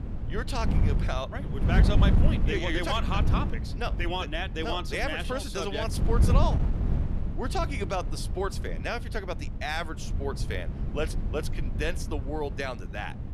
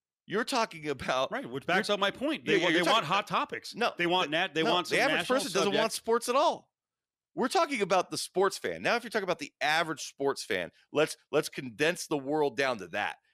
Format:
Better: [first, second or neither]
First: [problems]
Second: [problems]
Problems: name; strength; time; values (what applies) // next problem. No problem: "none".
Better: second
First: wind noise on the microphone; heavy; 9 dB below the speech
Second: none